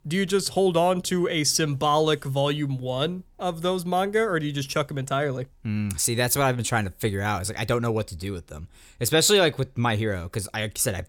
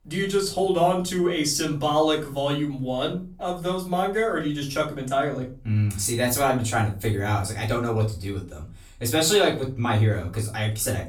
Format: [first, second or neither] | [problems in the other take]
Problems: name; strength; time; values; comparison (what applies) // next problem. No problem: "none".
first | off-mic speech; far // room echo; slight; dies away in 0.3 s